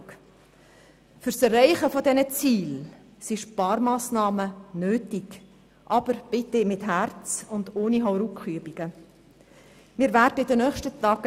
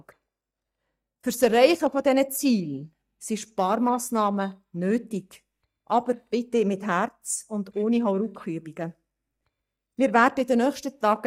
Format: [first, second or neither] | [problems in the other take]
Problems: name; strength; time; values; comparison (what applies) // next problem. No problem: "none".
first | noise reduction (neural mask model DeepFilterNet 3)